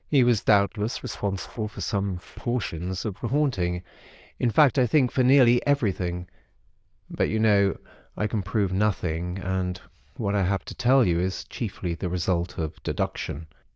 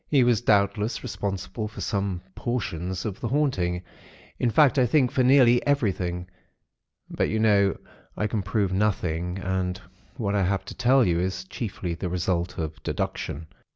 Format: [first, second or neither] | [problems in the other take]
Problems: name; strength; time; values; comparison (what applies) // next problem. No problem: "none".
second | noise reduction (neural diffusion model UNIVERSE++)